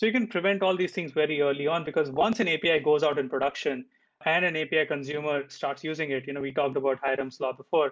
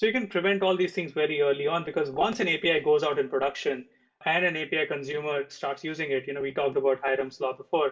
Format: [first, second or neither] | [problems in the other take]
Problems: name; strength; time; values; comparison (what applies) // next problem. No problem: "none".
first | room echo; dies away in 0.2 s